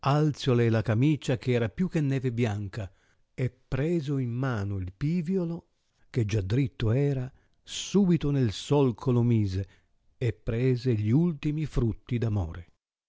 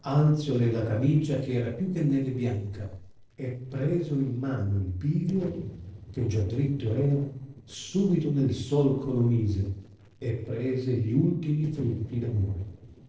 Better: first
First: none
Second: noise reduction (neural separator model SepFormer DNS4)

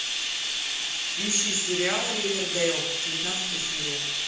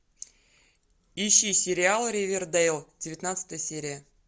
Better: second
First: background sound (Bathtub (filling or washing)); 2 dB above the speech // room echo; dies away in 0.9 s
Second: none

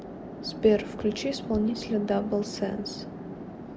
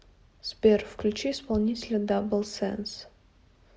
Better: second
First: background sound (Chatter / Traffic noise, roadway noise / Train); 9 dB below the speech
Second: none

